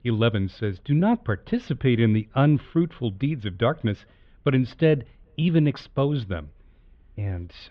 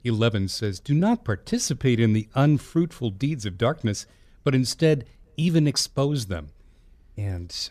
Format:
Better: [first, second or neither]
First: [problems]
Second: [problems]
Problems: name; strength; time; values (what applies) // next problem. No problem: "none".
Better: second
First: muffled; very; fading above 3.5 kHz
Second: none